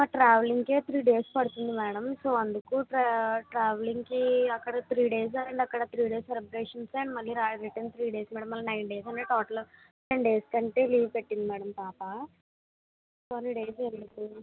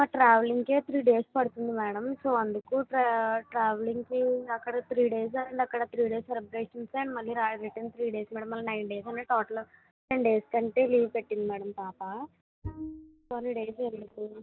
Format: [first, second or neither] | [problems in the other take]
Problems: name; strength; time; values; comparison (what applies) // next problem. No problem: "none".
first | noise reduction (neural mask model DeepFilterNet 3)